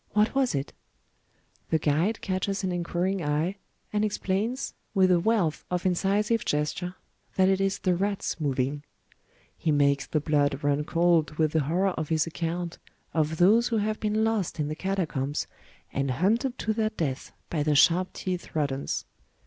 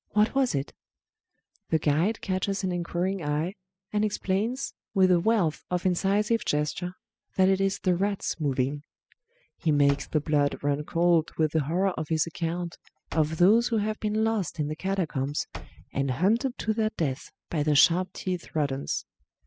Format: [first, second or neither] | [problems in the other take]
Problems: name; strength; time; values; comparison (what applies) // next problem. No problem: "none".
first | noise reduction (classical method spectral subtraction)